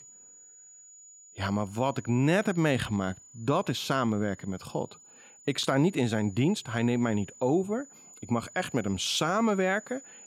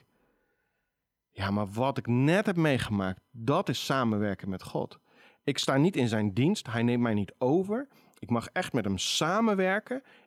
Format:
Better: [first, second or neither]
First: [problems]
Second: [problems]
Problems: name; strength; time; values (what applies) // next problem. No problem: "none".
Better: second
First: high-pitched whine; faint; throughout; 7 kHz, 20 dB below the speech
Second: none